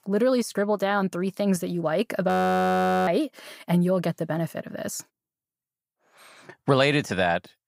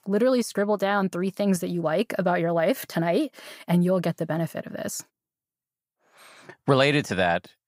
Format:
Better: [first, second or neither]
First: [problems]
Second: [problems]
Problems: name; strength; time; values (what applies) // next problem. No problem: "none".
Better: second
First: audio freezing; at 2.5 s for 1 s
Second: none